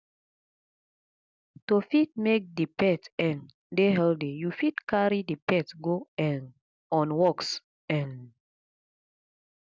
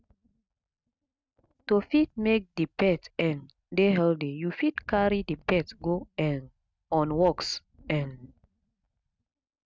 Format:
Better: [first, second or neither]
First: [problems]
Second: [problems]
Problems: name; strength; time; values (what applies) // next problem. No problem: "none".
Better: first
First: none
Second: noise reduction (neural mask model RNNoise)